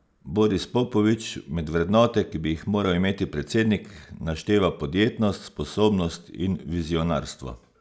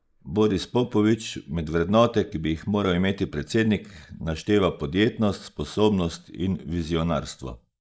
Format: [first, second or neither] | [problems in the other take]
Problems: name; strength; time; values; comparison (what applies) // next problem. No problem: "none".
first | noise reduction (neural mask model Resemble Enhance denoiser)